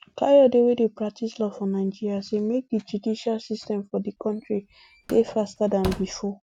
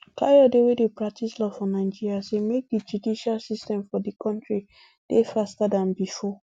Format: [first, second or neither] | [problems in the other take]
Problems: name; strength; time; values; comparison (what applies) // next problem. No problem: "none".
second | background sound (Slam); 14 dB below the speech